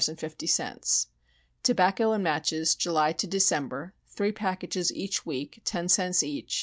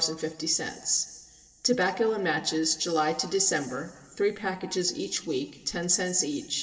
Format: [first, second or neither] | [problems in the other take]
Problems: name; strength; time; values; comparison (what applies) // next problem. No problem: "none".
first | room echo; dies away in 1.9 s